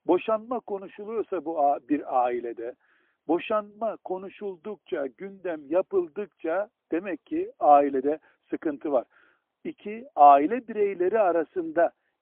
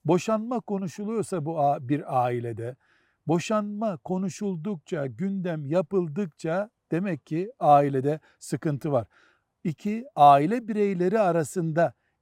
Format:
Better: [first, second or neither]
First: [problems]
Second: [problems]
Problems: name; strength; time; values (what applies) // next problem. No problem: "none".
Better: second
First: phone-call audio; poor line; nothing above 3 kHz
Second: none